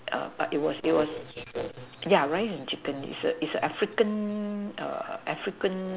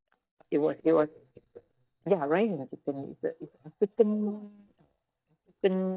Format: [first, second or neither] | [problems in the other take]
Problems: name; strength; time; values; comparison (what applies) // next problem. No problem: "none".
first | noise reduction (neural mask model DeepFilterNet 3)